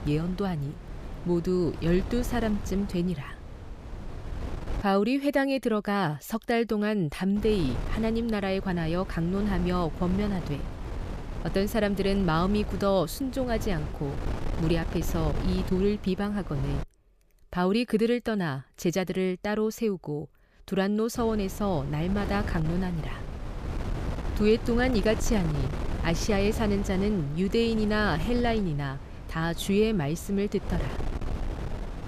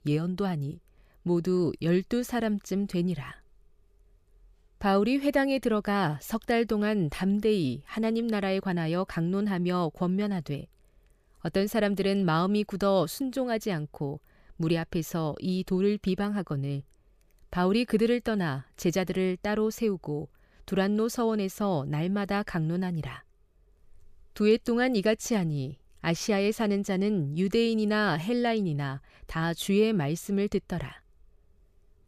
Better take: second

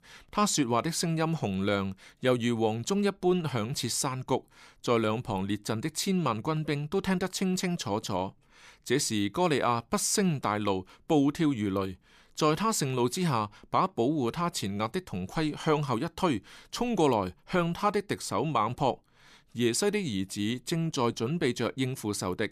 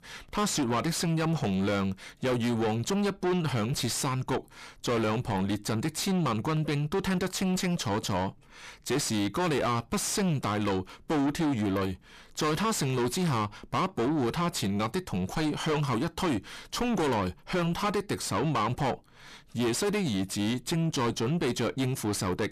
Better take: first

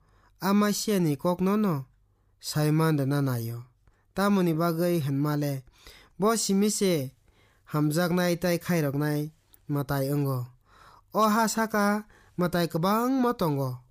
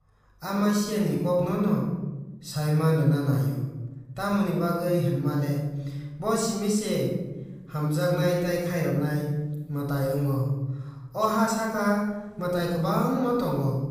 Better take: first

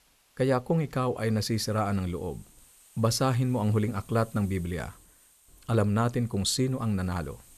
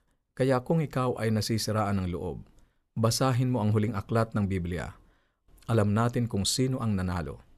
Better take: second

